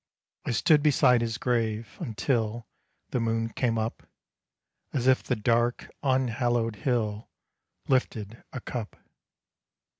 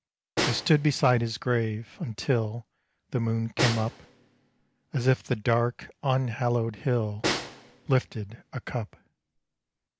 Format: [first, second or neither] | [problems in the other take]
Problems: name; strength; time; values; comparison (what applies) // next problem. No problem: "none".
first | background sound (Snare drum); 9 dB below the speech